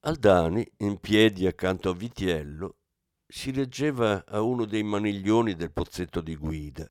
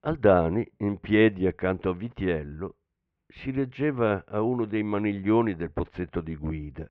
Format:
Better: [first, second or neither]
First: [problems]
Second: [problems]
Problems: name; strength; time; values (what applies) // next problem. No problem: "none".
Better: first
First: none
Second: muffled; very; fading above 2.5 kHz